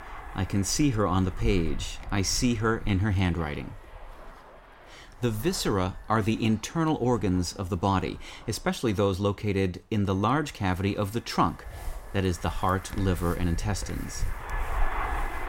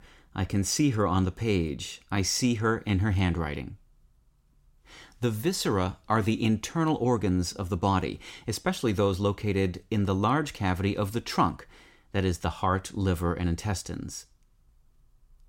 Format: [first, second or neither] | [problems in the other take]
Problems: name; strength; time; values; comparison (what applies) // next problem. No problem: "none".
second | wind noise on the microphone; occasional gusts; 10 dB below the speech